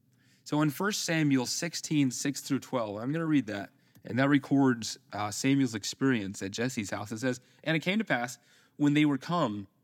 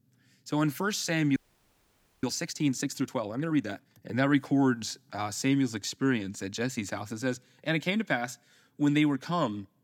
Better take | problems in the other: first | audio freezing; at 1.5 s for 1 s

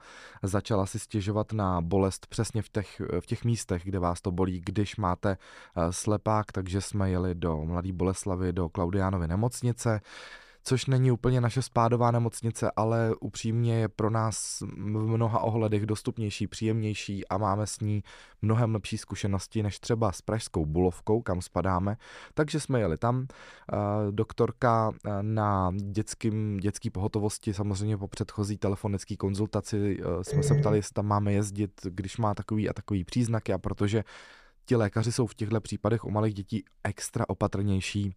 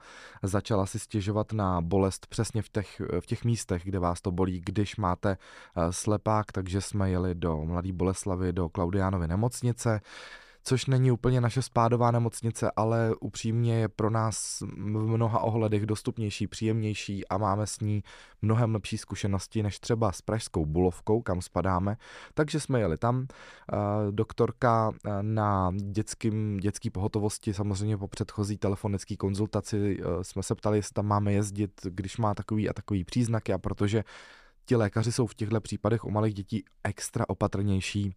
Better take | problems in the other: second | phone ringing; loud; at 30 s; peak 4 dB above the speech

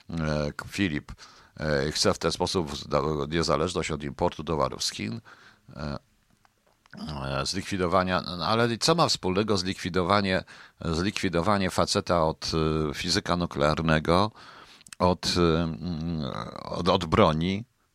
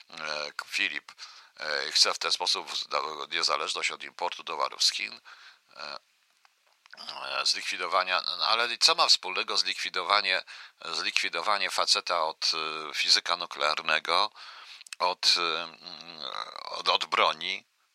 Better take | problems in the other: first | thin; very; fading below 900 Hz

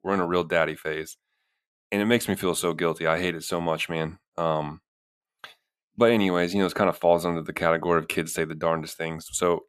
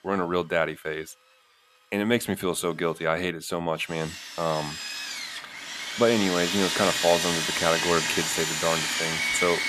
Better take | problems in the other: first | machinery noise; loud; throughout; as loud as the speech

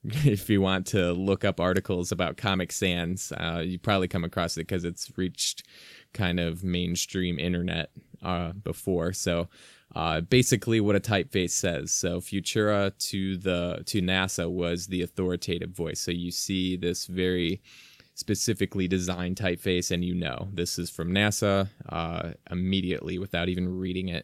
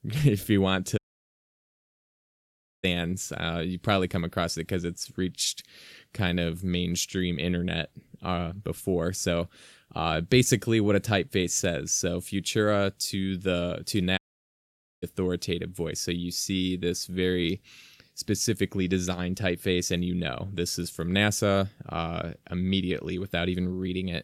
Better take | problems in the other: first | audio cutting out; at 1 s for 2 s and at 14 s for 1 s

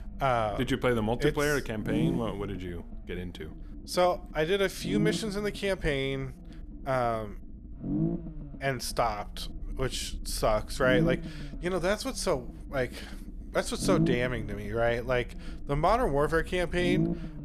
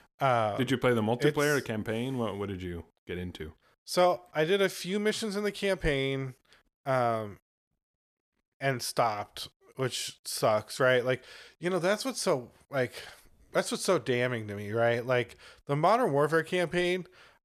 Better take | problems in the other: second | low rumble; loud; throughout; 9 dB below the speech

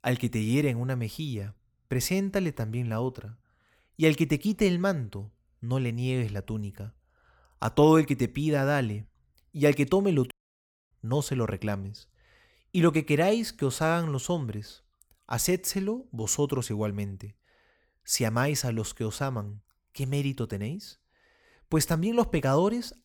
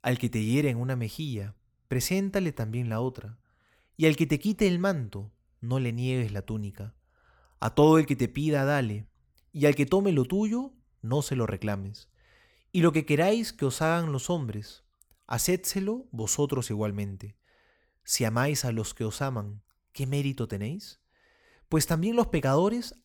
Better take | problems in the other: second | audio cutting out; at 10 s for 0.5 s

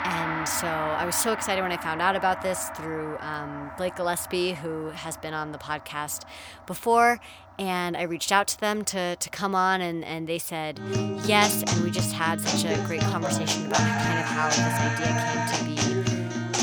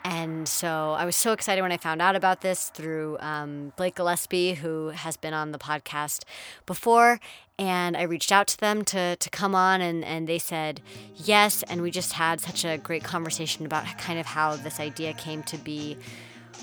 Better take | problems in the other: second | background music; loud; throughout; as loud as the speech; faint in the second

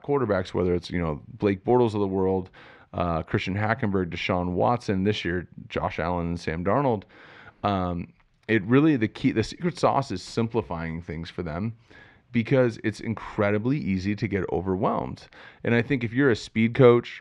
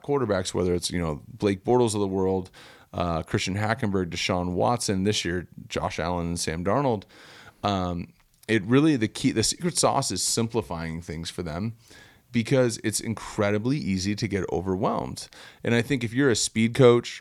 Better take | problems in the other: second | muffled; slightly; fading above 2.5 kHz

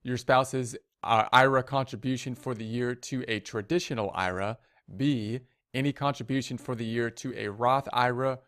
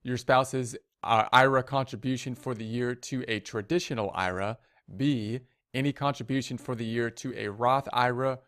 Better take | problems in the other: neither | none

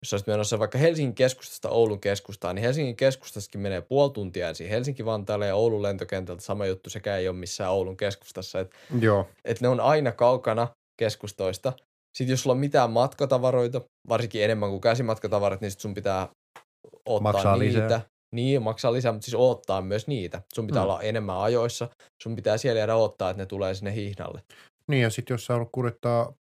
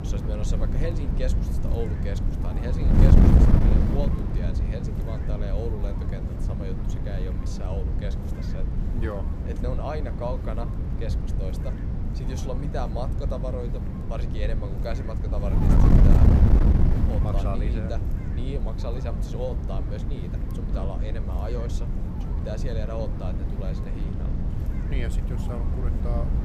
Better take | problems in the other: first | wind noise on the microphone; heavy; 1 dB above the speech

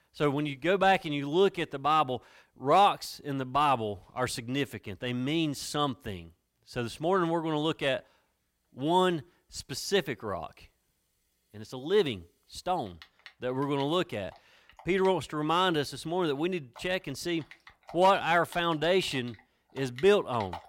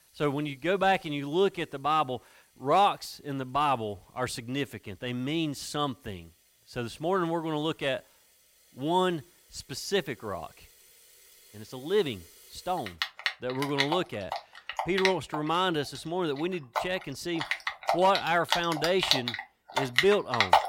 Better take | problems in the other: first | household noises; loud; throughout; 2 dB below the speech; faint in the first

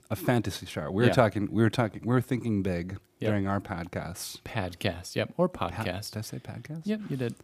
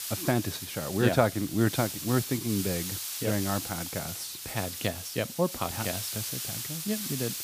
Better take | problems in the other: first | hiss; loud; throughout; 4 dB below the speech

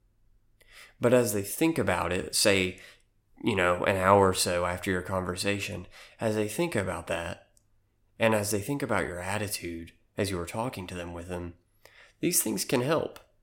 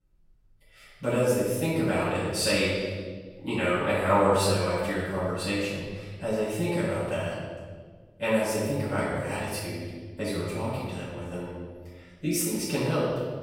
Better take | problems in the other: first | off-mic speech; far // room echo; strong; dies away in 1.6 s

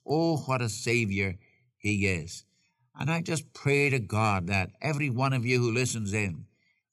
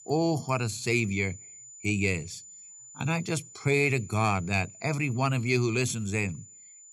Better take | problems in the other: first | high-pitched whine; noticeable; throughout; 7 kHz, 20 dB below the speech

